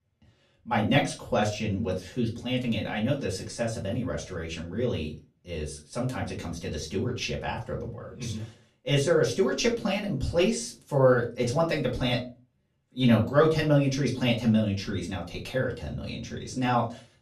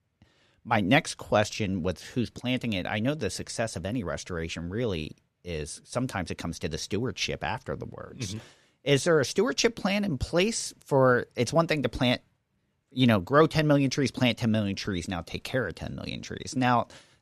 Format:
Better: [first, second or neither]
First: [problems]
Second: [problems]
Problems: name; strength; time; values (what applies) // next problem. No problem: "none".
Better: second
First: off-mic speech; far // room echo; very slight; dies away in 0.3 s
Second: none